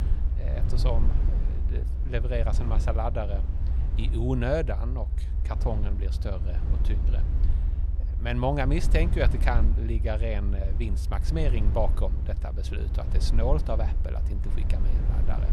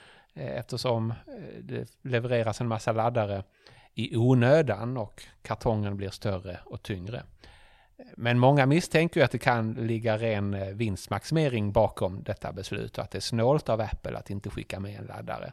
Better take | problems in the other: second | low rumble; noticeable; throughout; 10 dB below the speech

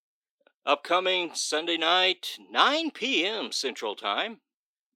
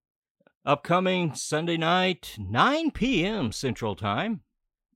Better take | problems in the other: second | thin; somewhat; fading below 300 Hz

